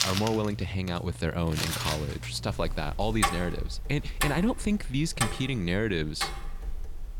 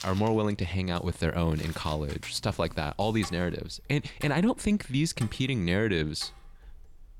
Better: second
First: household noises; loud; throughout; 4 dB below the speech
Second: household noises; faint; throughout; 20 dB below the speech

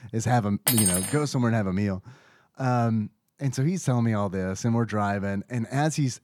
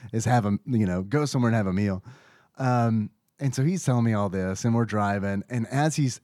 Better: second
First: clattering dishes; loud; at 0.5 s; peak 5 dB above the speech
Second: none

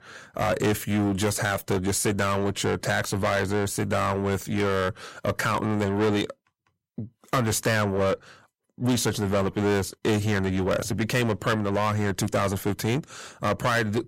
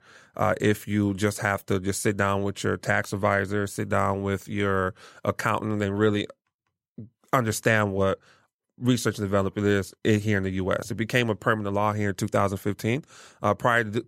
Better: second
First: distortion; heavy; 6 dB below the speech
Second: none

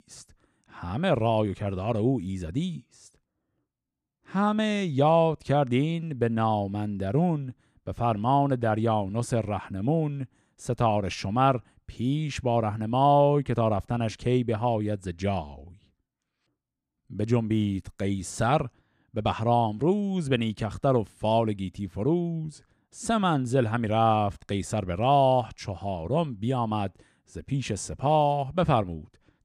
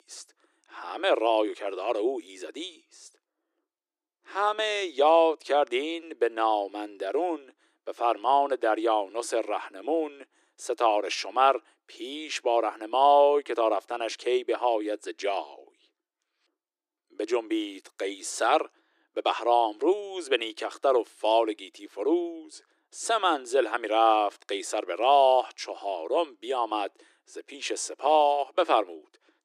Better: first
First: none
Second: thin; very; fading below 300 Hz

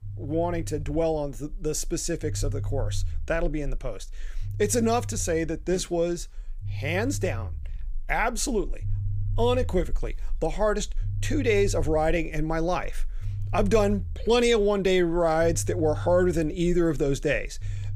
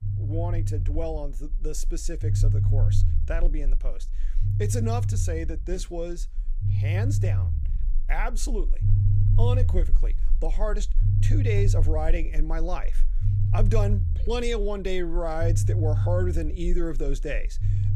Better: first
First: low rumble; faint; throughout; 25 dB below the speech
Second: low rumble; loud; throughout; 7 dB below the speech

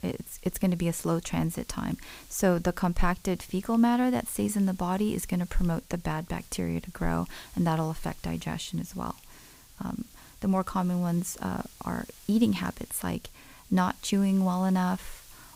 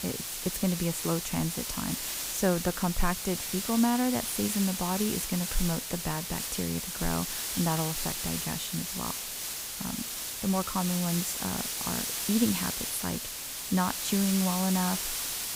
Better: first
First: hiss; faint; throughout; 20 dB below the speech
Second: hiss; loud; throughout; 1 dB below the speech

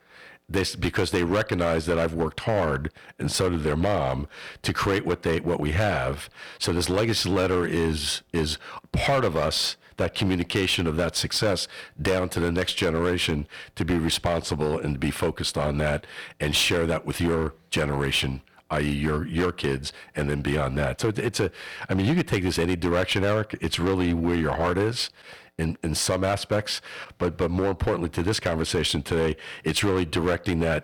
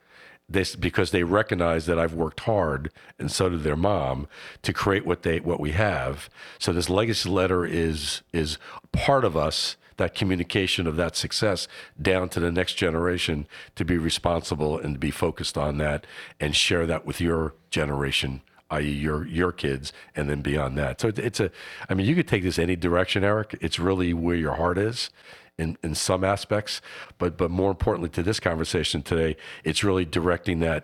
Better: second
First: distortion; slight; 9% of the sound clipped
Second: none

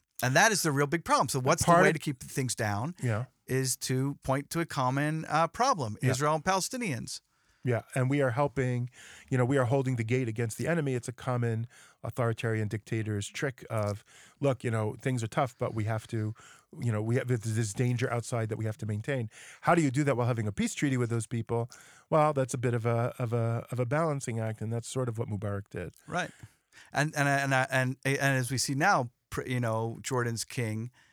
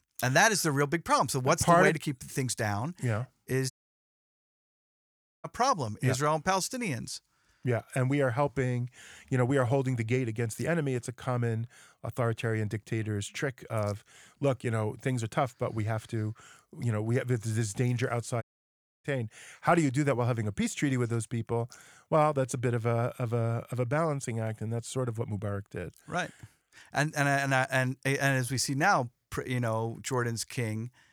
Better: first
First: none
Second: audio cutting out; at 3.5 s for 1.5 s and at 18 s for 0.5 s

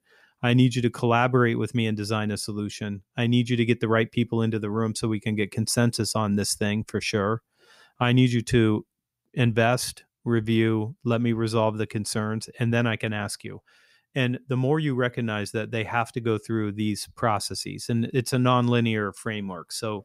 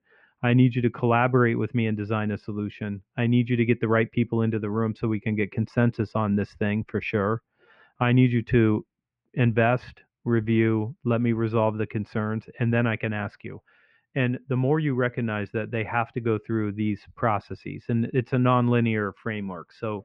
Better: first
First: none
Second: muffled; very; fading above 2.5 kHz

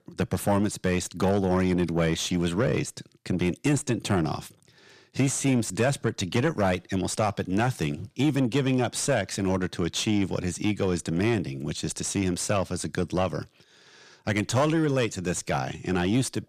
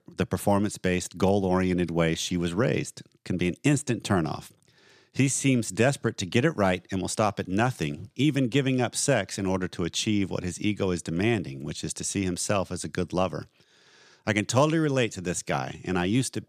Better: second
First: distortion; slight; 10 dB below the speech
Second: none

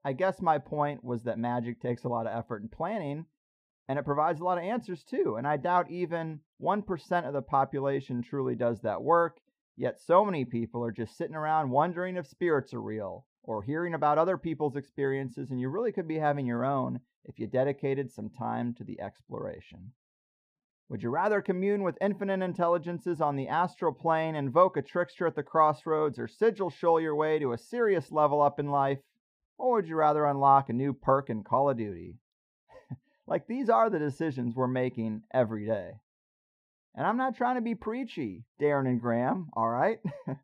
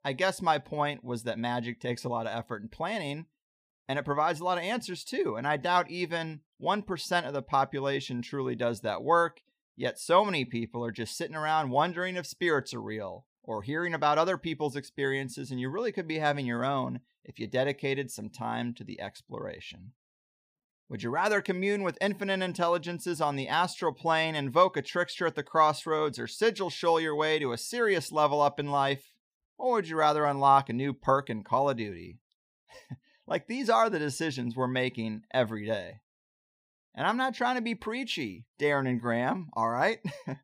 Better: second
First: muffled; very; fading above 2 kHz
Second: none

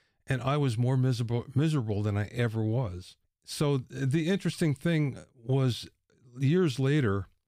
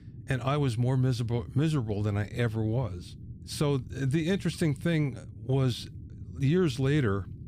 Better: first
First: none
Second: low rumble; faint; throughout; 20 dB below the speech

